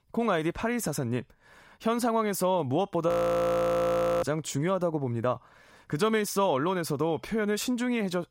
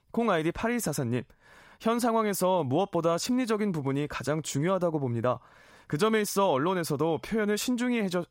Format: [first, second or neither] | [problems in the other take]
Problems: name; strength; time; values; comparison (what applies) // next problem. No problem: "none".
second | audio freezing; at 3 s for 1 s